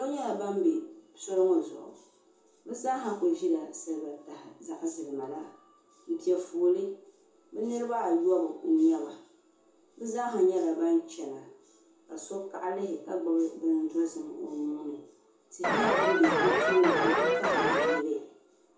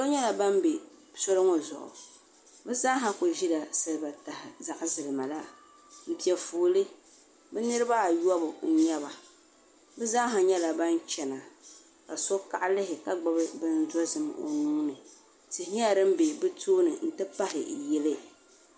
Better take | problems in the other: second | background sound (Alarm); 4 dB above the speech // room echo; dies away in 0.6 s

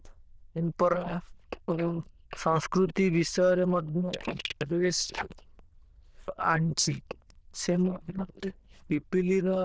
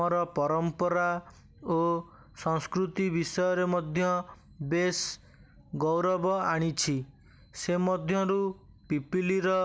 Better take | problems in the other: second | noise reduction (neural diffusion model UNIVERSE++)

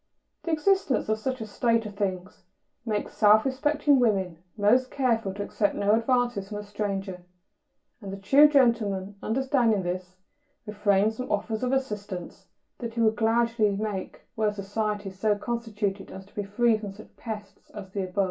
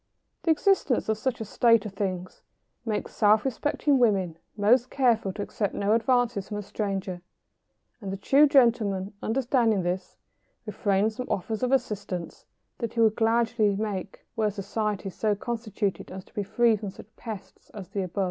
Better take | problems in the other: second | room echo; dies away in 0.2 s

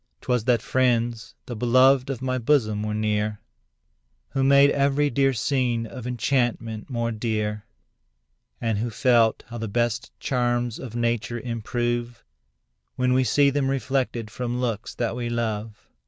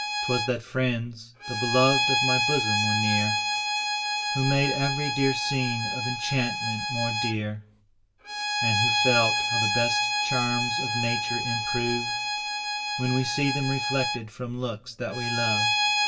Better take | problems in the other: first | background sound (Bowed string instrument); 2 dB above the speech // room echo; dies away in 0.2 s

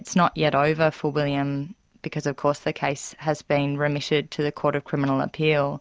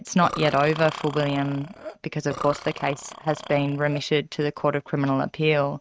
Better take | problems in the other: first | noise reduction (neural mask model RNNoise)

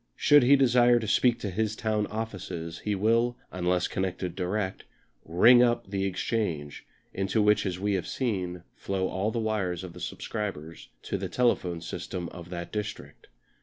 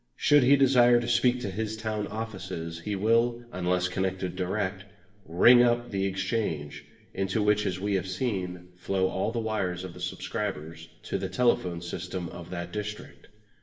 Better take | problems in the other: first | room echo; dies away in 1 s

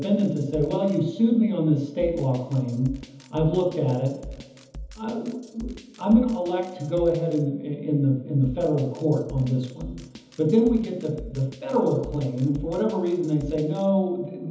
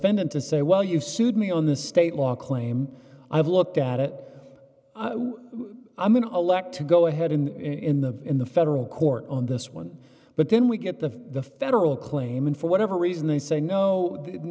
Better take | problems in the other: second | background sound (Drum kit); 18 dB below the speech // room echo; dies away in 1.3 s

